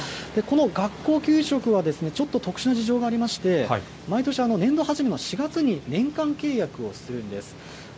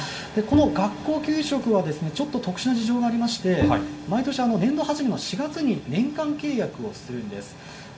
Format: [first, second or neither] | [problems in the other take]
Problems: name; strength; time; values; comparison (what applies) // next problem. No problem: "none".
first | background sound (Bowed string instrument); 4 dB below the speech // room echo; dies away in 1.2 s